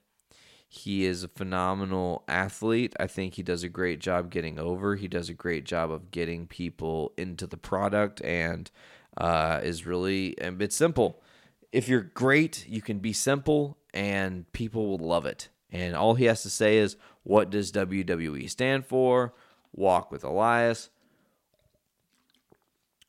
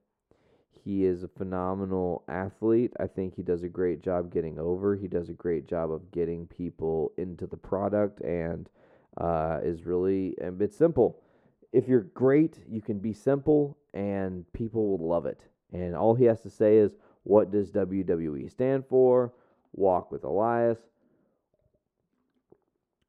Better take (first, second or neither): first